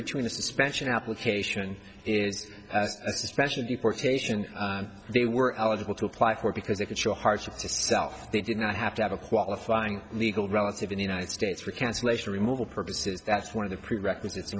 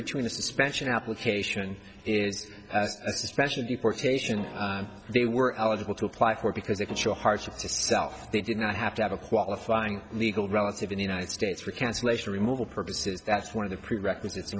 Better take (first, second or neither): first